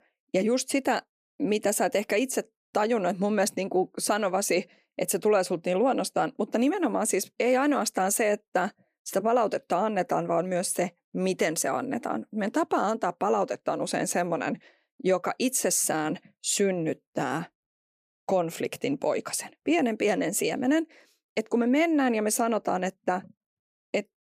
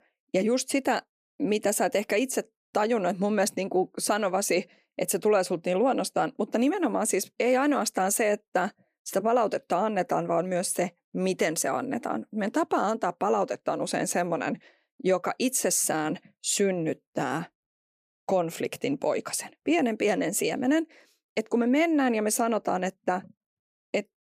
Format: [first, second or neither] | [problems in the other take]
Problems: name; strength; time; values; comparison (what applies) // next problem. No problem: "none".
neither | none